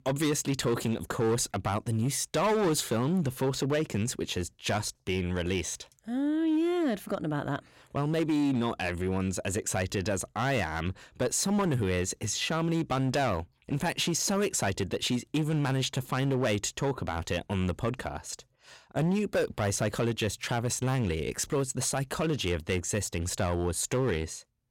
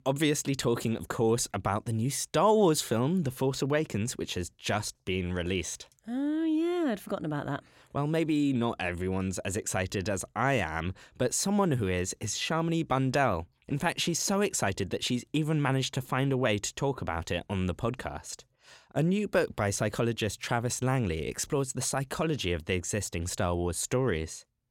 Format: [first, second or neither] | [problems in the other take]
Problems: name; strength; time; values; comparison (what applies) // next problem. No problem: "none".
second | distortion; slight; 8% of the sound clipped